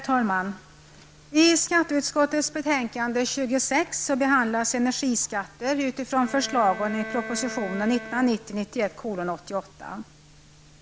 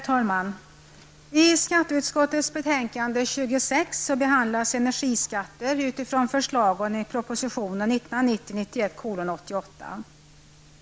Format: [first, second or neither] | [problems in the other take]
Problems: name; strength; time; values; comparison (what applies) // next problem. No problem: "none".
second | background sound (Bowed string instrument); 13 dB below the speech